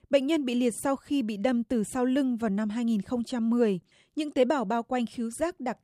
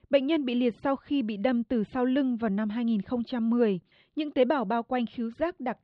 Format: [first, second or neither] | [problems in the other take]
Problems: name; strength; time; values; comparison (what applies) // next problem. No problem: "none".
first | muffled; slightly; fading above 4 kHz